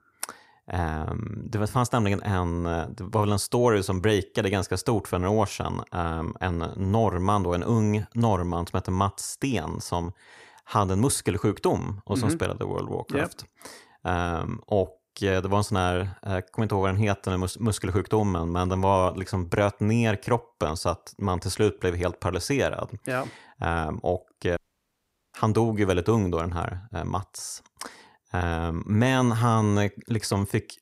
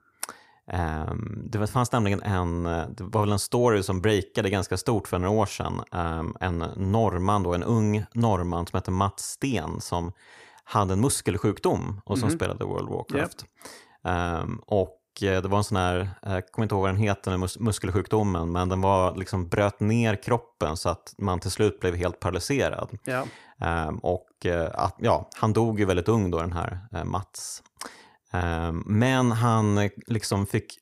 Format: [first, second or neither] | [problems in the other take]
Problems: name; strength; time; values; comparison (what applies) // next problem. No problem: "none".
second | audio cutting out; at 25 s for 1 s